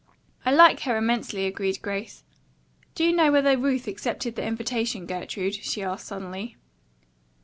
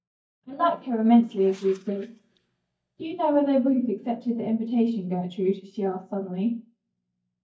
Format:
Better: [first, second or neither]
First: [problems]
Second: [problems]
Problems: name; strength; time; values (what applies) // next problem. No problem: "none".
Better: first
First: none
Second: noise reduction (neural mask model DeepFilterNet 3)